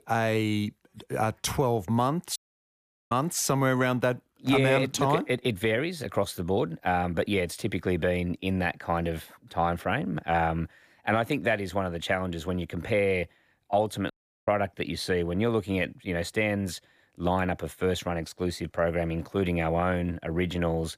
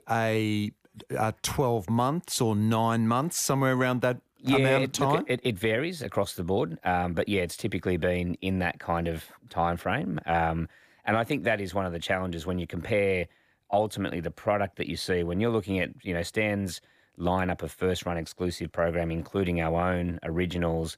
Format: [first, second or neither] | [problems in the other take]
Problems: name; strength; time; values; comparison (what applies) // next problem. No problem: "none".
second | audio cutting out; at 2.5 s for 1 s and at 14 s